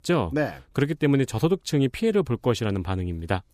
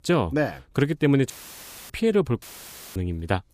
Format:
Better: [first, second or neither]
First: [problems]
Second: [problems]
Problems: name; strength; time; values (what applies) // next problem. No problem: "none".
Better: first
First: none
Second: audio cutting out; filled with static; at 1.5 s for 0.5 s and at 2.5 s for 0.5 s